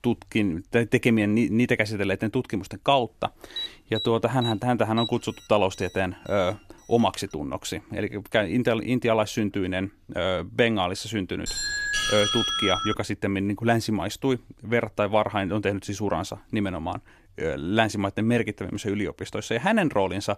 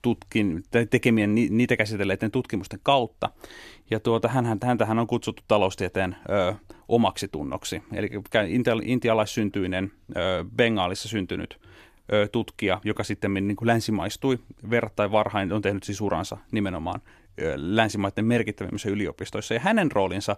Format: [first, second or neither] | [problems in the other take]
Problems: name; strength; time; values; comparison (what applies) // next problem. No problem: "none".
second | alarm; noticeable; from 3.5 to 7.5 s; peak 7 dB below the speech // doorbell; loud; from 11 to 13 s; peak 2 dB above the speech